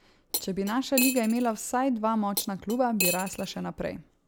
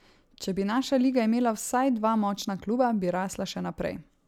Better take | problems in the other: second | background sound (Cutlery, silverware); 6 dB below the speech

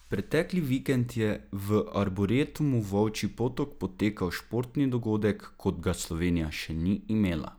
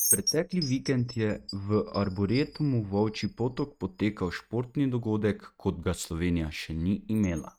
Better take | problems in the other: first | noise reduction (neural mask model RNNoise)

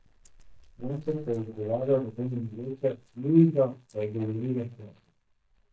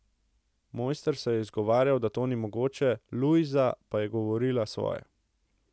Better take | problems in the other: second | noise reduction (neural mask model DeepFilterNet 3)

